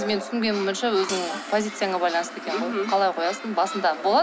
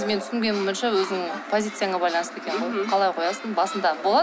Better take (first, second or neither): second